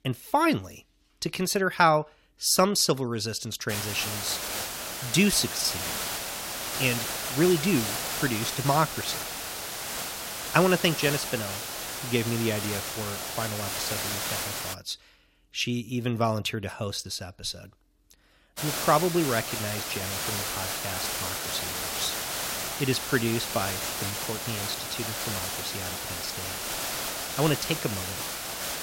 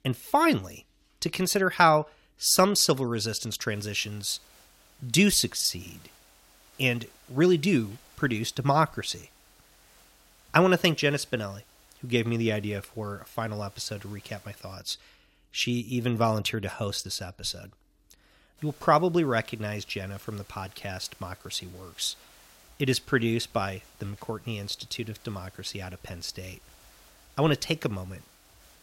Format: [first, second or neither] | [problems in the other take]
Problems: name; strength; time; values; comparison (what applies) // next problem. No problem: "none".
second | hiss; loud; from 3.5 to 15 s and from 19 s on; 3 dB below the speech; faint in the second